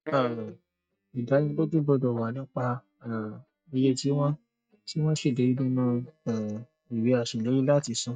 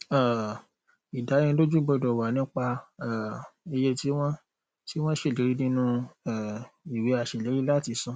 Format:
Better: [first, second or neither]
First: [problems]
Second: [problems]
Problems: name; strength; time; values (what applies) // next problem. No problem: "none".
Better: second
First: noise reduction (neural mask model DeepFilterNet 3)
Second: none